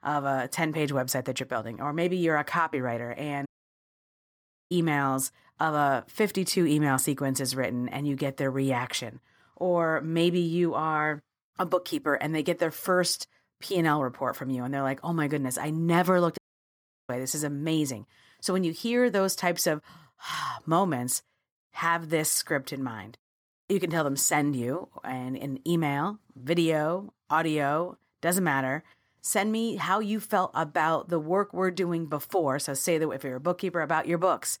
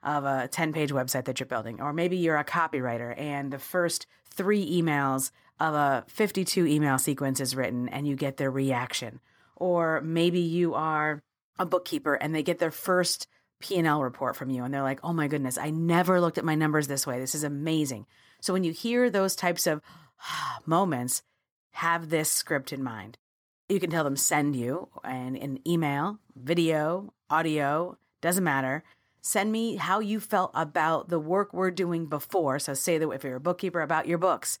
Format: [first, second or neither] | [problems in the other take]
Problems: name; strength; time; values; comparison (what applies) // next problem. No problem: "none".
second | audio cutting out; at 3.5 s for 1.5 s and at 16 s for 0.5 s